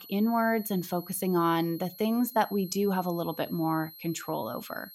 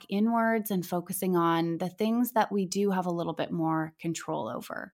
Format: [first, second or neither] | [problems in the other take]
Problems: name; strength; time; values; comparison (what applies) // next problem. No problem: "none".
second | high-pitched whine; noticeable; throughout; 11.5 kHz, 15 dB below the speech